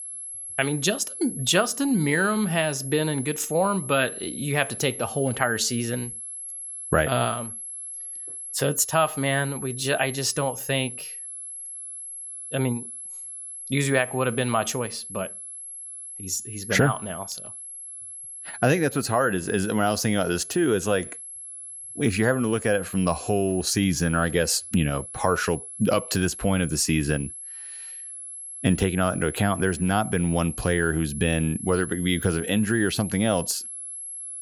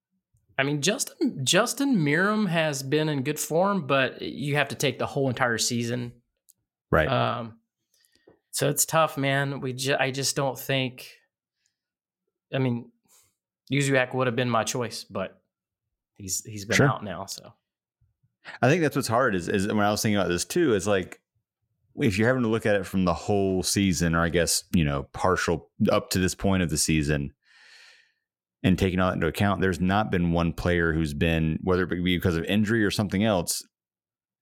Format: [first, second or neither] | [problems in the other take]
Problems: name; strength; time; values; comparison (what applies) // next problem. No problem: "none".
second | high-pitched whine; loud; throughout; 11 kHz, 10 dB below the speech